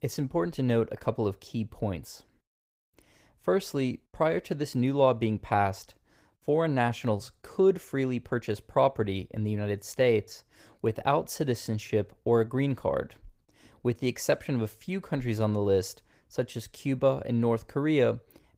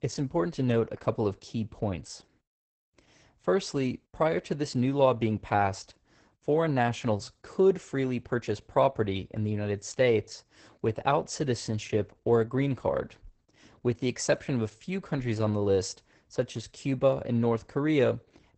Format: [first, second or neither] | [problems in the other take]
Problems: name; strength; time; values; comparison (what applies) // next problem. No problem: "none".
first | garbled, watery; badly; nothing above 8 kHz; slightly in the first